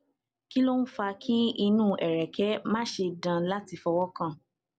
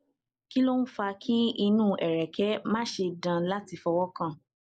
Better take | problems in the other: first | noise reduction (neural mask model Resemble Enhance denoiser)

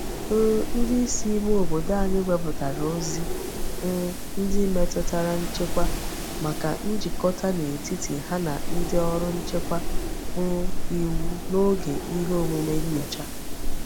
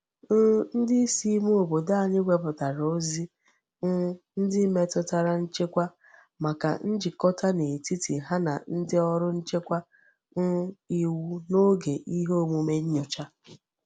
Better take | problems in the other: second | background sound (Wind); 1 dB above the speech

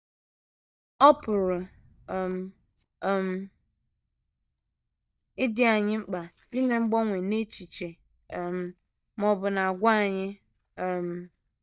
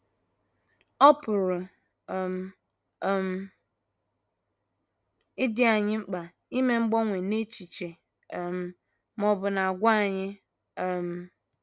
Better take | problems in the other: second | noise reduction (neural mask model DeepFilterNet 3)

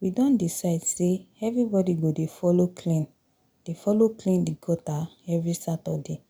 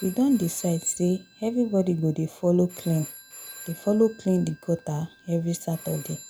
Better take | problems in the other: first | background sound (Telephone); 20 dB below the speech

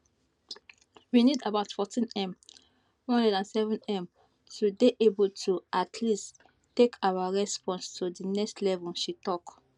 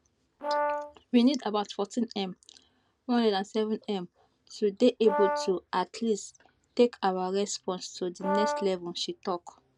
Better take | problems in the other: first | background sound (Brass instrument); 3 dB below the speech

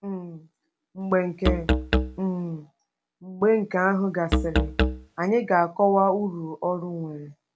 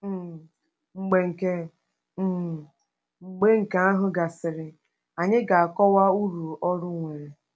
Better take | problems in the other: second | background sound (Musical instrument); as loud as the speech

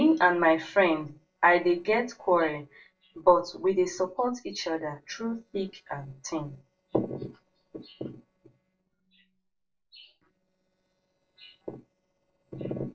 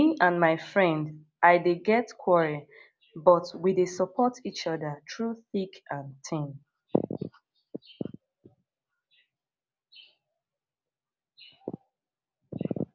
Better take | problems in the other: second | noise reduction (neural separator model SepFormer DNS4)

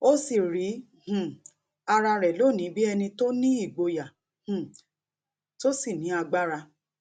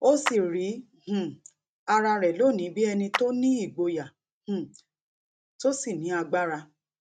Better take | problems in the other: first | noise reduction (neural mask model RNNoise)

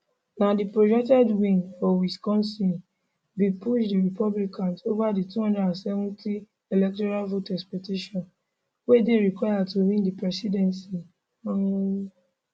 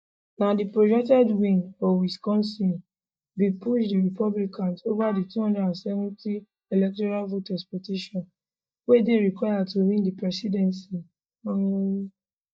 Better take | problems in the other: first | noise reduction (neural mask model DeepFilterNet 3)

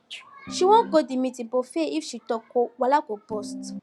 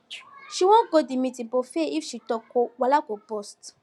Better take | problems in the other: second | background sound (Piano); 10 dB below the speech

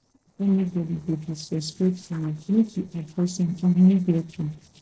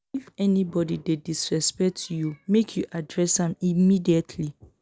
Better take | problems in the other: second | noise reduction (neural separator model SepFormer DNS4)

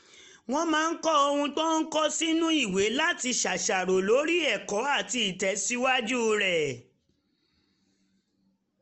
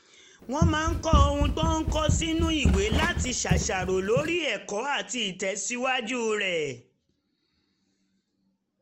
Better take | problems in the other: first | background sound (Run); 3 dB above the speech

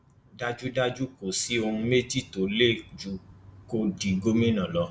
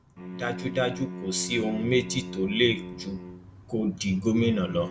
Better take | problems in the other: first | background sound (Bowed string instrument); 11 dB below the speech

